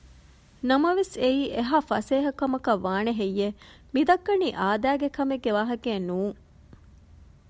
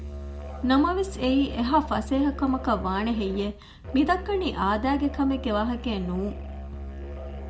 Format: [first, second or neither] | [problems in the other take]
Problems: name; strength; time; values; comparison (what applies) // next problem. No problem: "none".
first | background sound (Musical instrument); 10 dB below the speech // room echo; dies away in 0.3 s